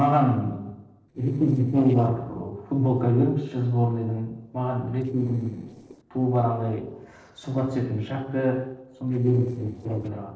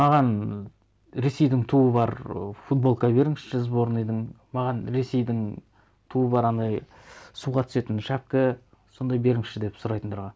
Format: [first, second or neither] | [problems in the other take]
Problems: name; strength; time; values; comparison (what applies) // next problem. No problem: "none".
second | noise reduction (neural separator model SepFormer DNS4)